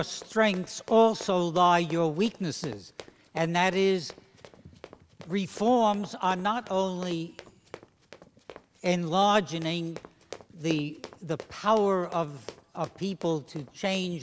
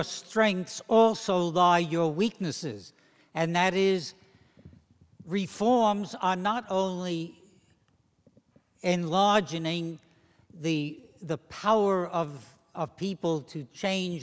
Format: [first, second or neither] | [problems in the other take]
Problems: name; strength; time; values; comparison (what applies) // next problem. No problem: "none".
second | background sound (Run); 19 dB below the speech